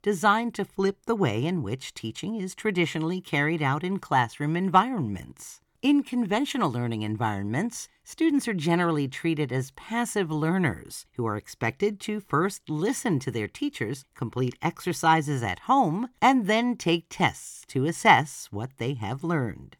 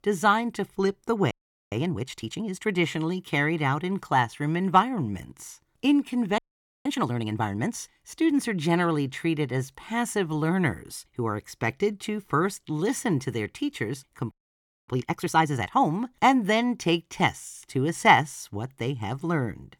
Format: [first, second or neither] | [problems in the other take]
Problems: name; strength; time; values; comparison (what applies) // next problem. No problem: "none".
first | audio freezing; at 1.5 s, at 6.5 s and at 14 s for 0.5 s